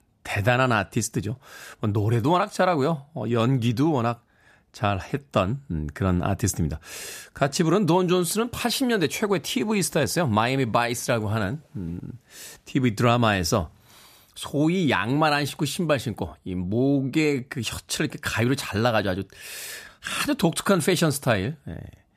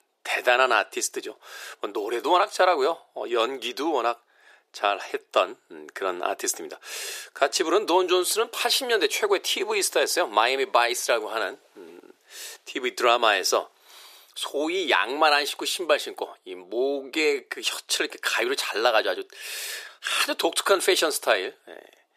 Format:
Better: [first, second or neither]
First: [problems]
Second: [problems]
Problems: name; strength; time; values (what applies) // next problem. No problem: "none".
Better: first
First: none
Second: thin; very; fading below 350 Hz